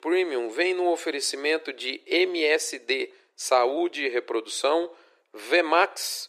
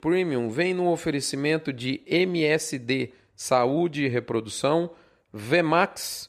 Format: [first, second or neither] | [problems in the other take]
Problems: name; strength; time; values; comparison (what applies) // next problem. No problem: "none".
second | thin; very; fading below 350 Hz